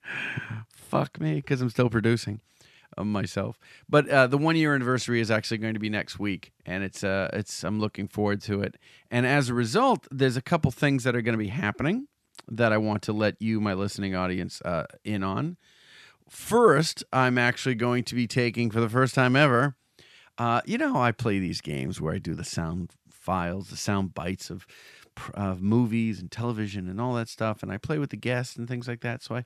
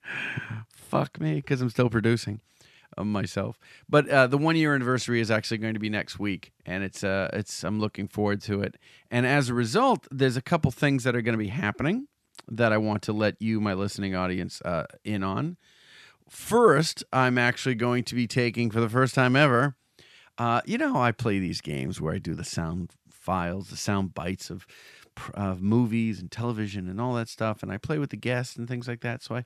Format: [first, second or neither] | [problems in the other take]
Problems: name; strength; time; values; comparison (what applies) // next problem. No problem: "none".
neither | none